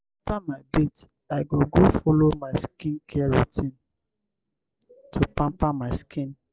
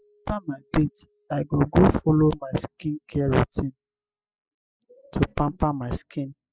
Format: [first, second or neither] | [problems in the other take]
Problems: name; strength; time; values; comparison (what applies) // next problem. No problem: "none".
first | noise reduction (classical method spectral subtraction)